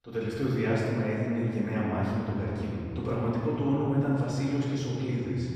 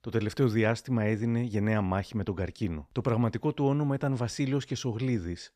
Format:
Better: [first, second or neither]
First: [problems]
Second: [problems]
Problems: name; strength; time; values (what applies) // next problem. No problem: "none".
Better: second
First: room echo; strong; dies away in 2.7 s // off-mic speech; far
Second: none